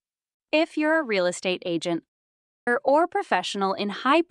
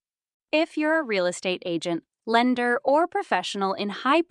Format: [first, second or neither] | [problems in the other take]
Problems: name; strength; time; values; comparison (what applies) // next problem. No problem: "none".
second | audio cutting out; at 2 s for 0.5 s